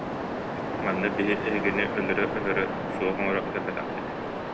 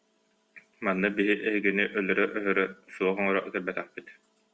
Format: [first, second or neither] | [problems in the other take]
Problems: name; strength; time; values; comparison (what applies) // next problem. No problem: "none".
second | background sound (Waves, surf); 1 dB below the speech